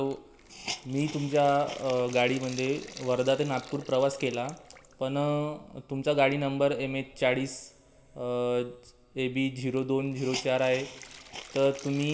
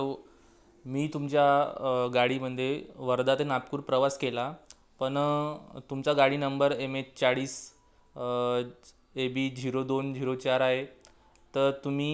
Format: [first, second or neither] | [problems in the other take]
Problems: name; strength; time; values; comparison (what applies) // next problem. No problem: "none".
second | background sound (Hiss); 17 dB below the speech // room echo; dies away in 1.8 s